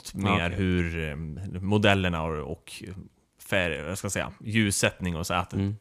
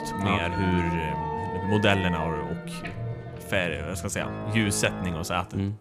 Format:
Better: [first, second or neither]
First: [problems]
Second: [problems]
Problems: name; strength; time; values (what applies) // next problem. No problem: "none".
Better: first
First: none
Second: background music; loud; throughout; 6 dB below the speech